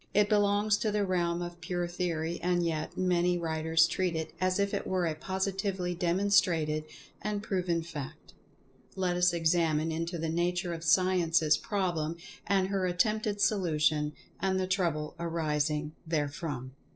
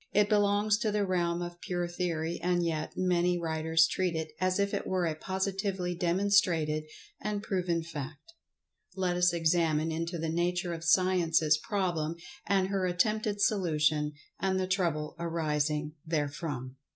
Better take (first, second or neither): second